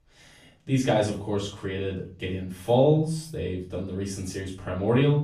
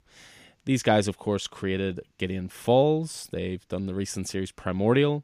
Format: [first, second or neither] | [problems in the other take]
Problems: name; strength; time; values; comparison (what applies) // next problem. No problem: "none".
second | off-mic speech; far // room echo; slight; dies away in 0.4 s